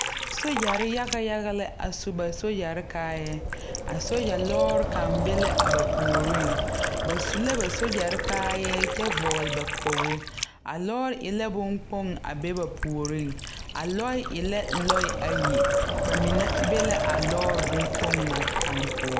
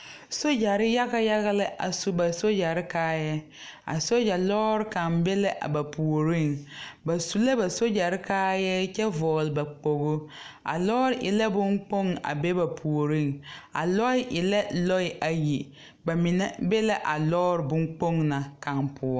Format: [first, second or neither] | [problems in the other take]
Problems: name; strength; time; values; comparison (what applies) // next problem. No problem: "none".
second | background sound (Liquid + Wind); 2 dB above the speech